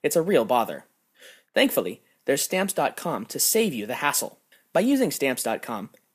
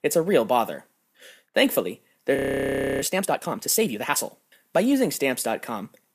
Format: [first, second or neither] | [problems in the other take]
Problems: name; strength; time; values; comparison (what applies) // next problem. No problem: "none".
first | audio freezing; at 2.5 s for 0.5 s